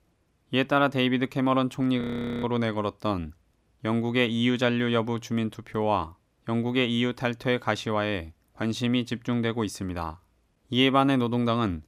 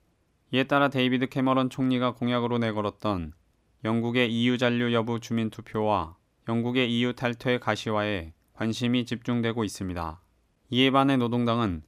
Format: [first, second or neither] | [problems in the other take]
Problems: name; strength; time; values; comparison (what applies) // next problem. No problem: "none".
second | audio freezing; at 2 s